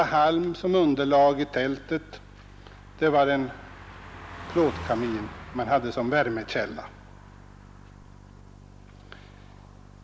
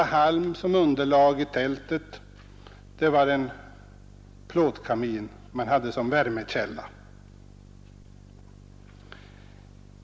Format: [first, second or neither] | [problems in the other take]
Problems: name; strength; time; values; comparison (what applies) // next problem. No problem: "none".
second | background sound (Car passing by); 19 dB below the speech